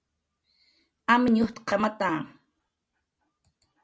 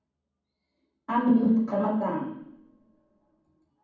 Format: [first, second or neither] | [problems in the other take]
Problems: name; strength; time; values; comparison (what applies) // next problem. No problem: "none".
first | room echo; dies away in 1.2 s